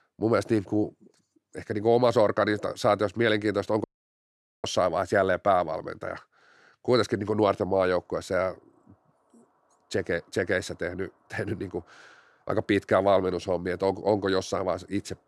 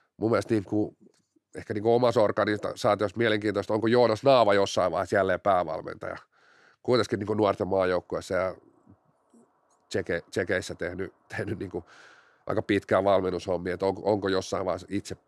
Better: second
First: audio cutting out; at 4 s for 1 s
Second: none

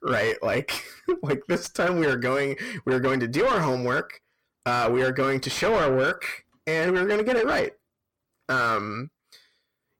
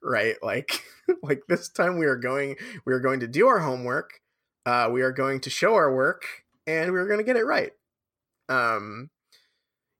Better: second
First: distortion; heavy; 7 dB below the speech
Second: none

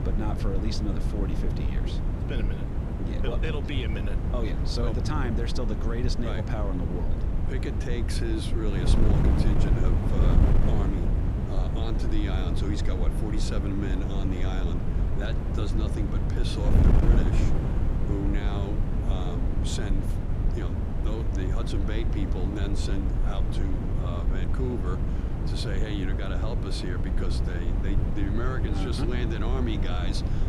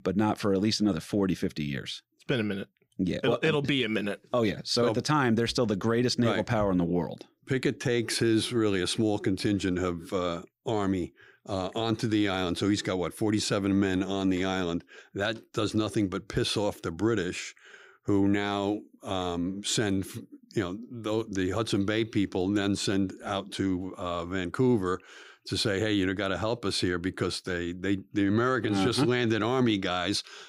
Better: second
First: wind noise on the microphone; heavy; 1 dB below the speech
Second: none

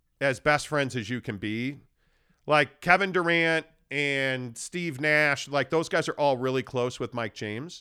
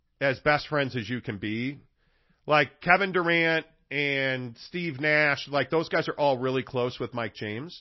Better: first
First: none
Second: garbled, watery; slightly; nothing above 5.5 kHz

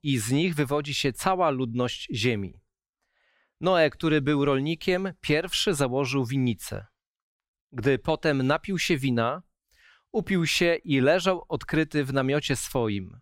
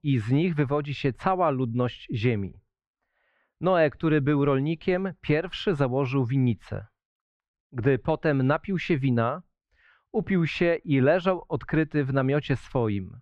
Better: first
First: none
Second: muffled; very; fading above 2 kHz

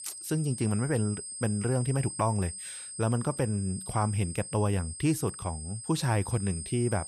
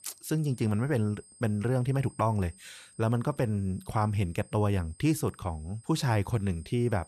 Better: second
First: high-pitched whine; loud; throughout; 8.5 kHz, 9 dB below the speech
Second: high-pitched whine; faint; throughout; 8.5 kHz, 25 dB below the speech

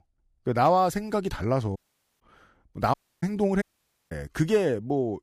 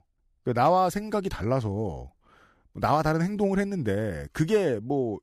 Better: second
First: audio cutting out; at 2 s, at 3 s and at 3.5 s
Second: none

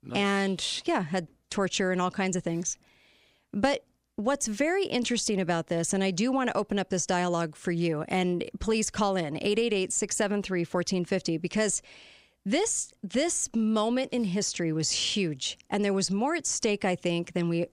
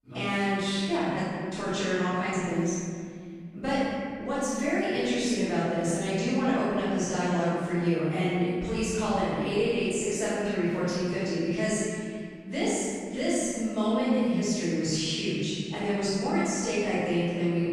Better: first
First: none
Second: off-mic speech; far // room echo; strong; dies away in 2.2 s

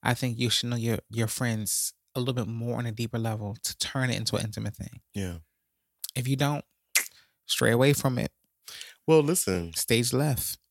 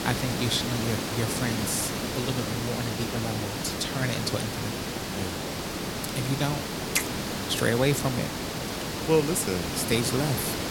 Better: first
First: none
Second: hiss; loud; throughout; 2 dB below the speech

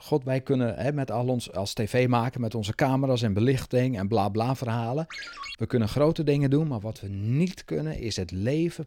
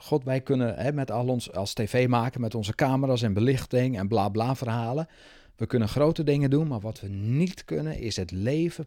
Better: second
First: phone ringing; noticeable; at 5 s; peak 9 dB below the speech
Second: none

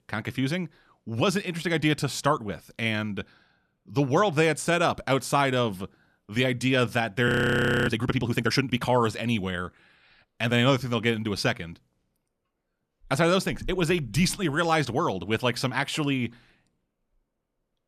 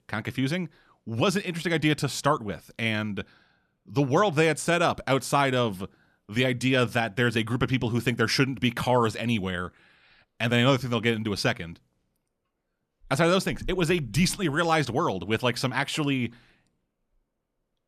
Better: second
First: audio freezing; at 7.5 s for 0.5 s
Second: none

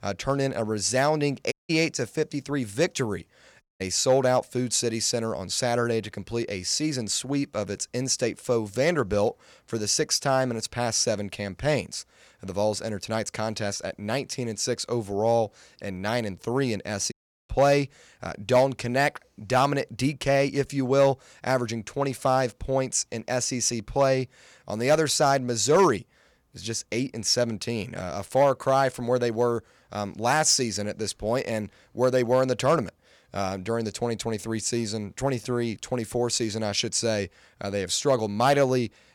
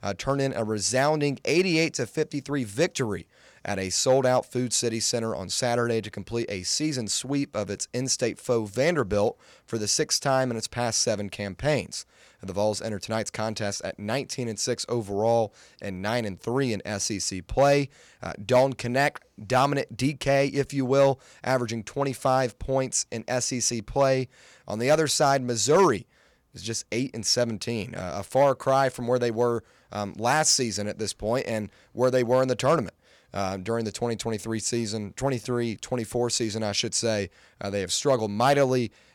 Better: second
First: audio cutting out; at 1.5 s, at 3.5 s and at 17 s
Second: none

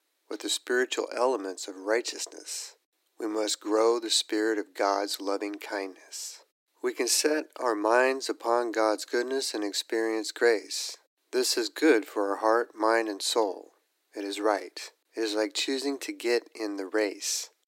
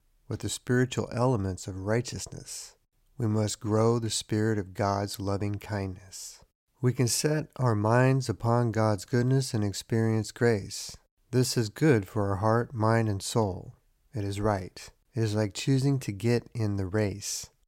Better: second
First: thin; very; fading below 300 Hz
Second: none

